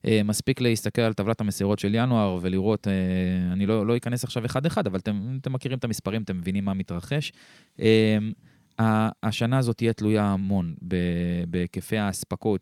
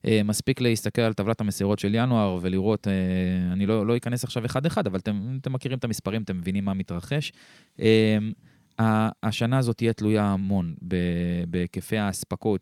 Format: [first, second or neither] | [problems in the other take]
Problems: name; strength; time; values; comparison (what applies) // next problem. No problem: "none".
neither | none